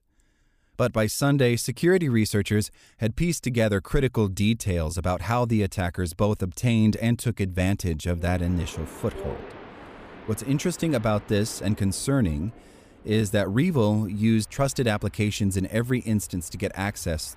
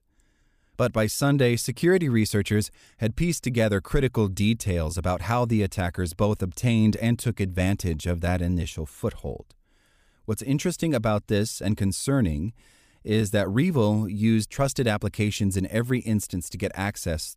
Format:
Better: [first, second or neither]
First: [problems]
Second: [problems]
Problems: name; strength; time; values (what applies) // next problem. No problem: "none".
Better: second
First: train or aircraft noise; faint; from 8.5 s on; 20 dB below the speech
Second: none